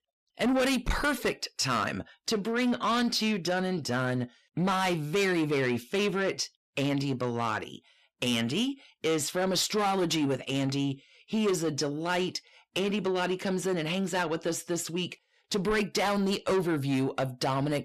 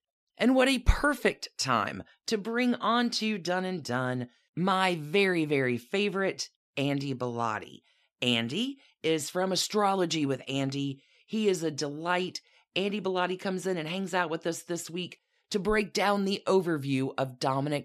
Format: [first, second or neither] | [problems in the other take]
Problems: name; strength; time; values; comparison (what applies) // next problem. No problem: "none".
second | distortion; heavy; 7 dB below the speech